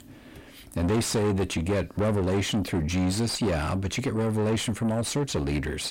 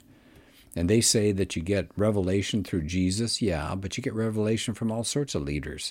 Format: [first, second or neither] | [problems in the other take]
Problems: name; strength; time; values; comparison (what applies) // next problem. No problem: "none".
second | distortion; heavy; 7 dB below the speech